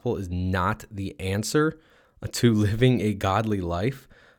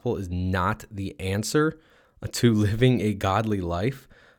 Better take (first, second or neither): neither